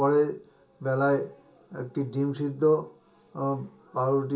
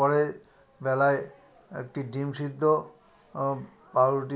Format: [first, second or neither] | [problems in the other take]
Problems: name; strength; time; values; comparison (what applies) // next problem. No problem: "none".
second | room echo; dies away in 0.2 s